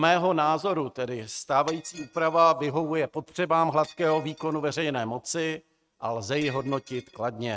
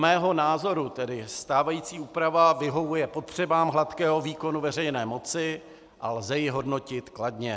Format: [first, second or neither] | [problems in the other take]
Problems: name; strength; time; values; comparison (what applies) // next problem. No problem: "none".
second | noise reduction (neural mask model RNNoise)